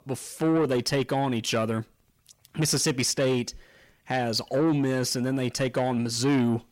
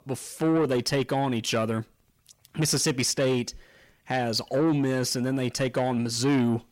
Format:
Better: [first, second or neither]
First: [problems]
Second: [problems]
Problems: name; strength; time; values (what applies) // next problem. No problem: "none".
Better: neither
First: distortion; slight; 10 dB below the speech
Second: distortion; slight; 10 dB below the speech